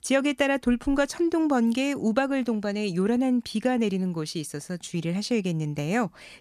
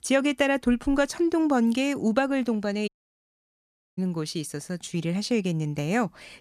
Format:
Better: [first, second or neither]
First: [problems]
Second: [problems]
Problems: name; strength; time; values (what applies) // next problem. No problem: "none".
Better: first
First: none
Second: audio cutting out; at 3 s for 1 s